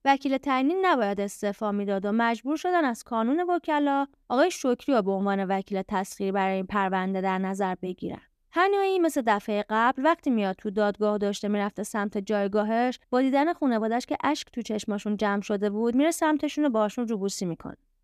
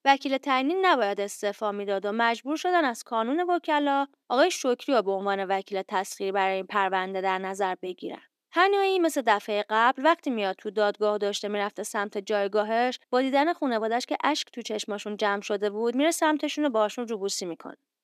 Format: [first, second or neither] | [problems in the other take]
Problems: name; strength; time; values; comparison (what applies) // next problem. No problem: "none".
first | thin; very slightly; fading below 300 Hz